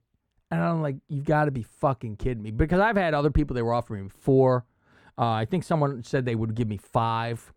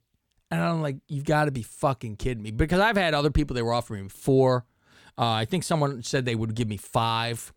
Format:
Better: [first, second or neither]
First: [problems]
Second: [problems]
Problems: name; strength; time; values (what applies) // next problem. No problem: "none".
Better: second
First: muffled; slightly; fading above 2.5 kHz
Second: none